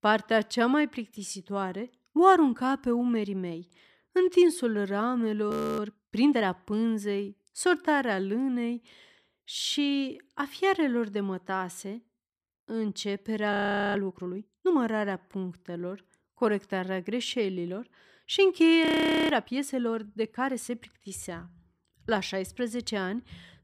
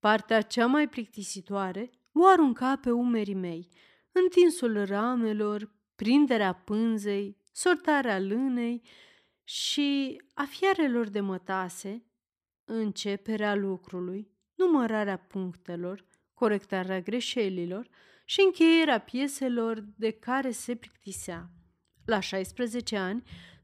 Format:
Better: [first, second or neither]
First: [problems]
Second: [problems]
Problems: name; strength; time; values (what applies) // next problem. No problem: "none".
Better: second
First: audio freezing; at 5.5 s, at 14 s and at 19 s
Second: none